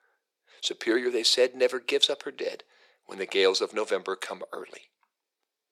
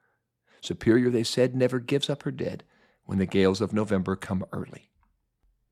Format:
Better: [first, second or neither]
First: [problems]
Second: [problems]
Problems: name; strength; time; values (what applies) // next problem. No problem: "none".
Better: second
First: thin; very; fading below 400 Hz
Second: none